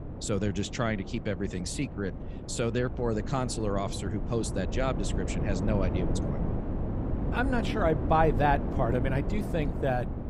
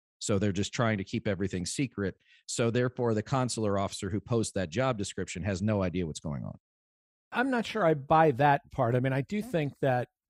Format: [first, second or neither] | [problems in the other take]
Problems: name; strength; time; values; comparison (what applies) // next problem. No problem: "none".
second | wind noise on the microphone; heavy; 9 dB below the speech